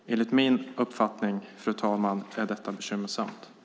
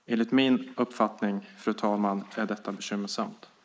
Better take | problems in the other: first | noise reduction (neural mask model Resemble Enhance denoiser)

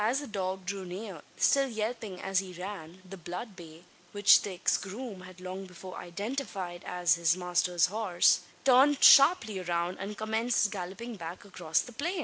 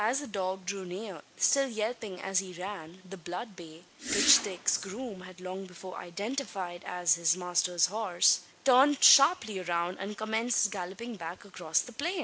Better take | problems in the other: first | background sound (Whoosh, swoosh, swish); 5 dB below the speech

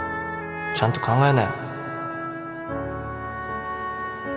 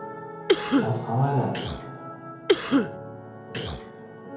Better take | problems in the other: first | background sound (Cough); 3 dB above the speech // room echo; dies away in 1 s

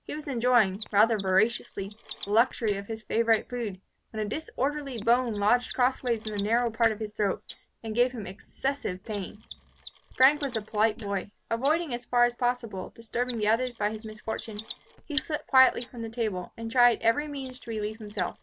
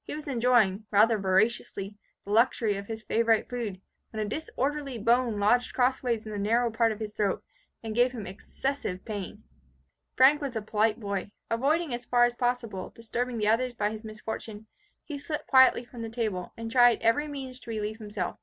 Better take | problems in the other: second | noise reduction (neural mask model Resemble Enhance denoiser)

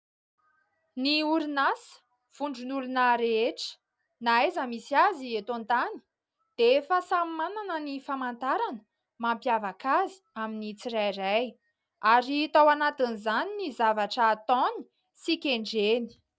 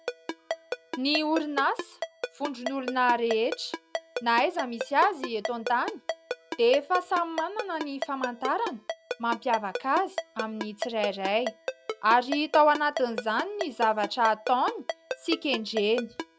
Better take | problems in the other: first | background sound (Ringtone); 8 dB below the speech

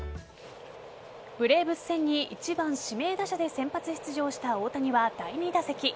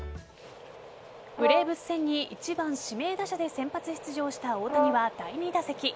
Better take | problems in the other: first | background sound (Brass instrument); 1 dB above the speech

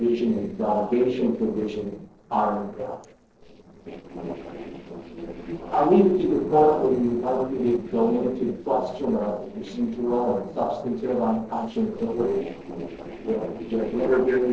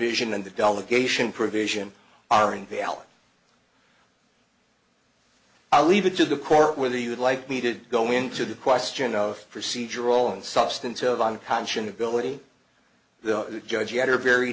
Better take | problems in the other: second | noise reduction (neural separator model SepFormer DNS4)

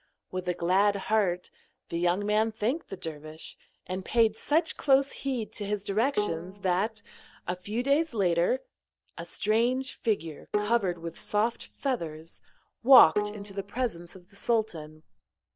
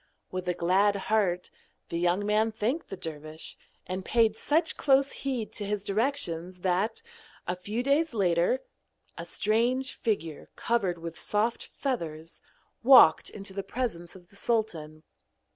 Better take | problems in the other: second | noise reduction (neural mask model DeepFilterNet 3)

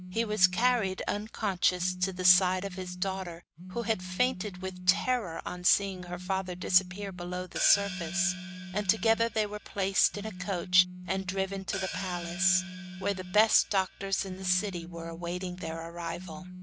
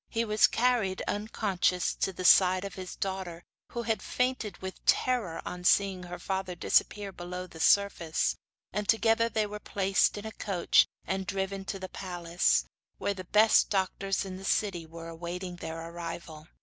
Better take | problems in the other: second | background sound (Hi-hat + Telephone); 10 dB below the speech

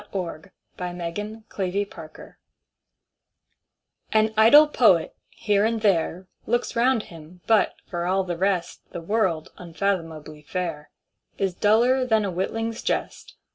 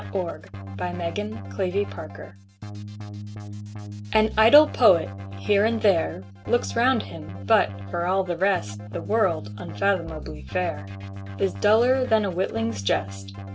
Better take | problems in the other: first | background sound (Keyboard (musical)); 10 dB below the speech

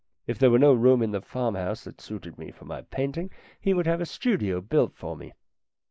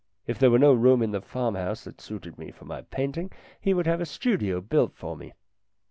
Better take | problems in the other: second | noise reduction (neural mask model Resemble Enhance denoiser)

